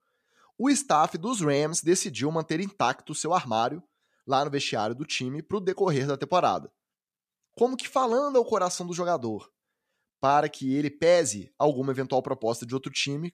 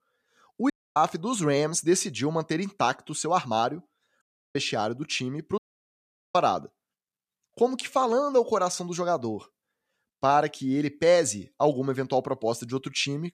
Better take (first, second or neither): first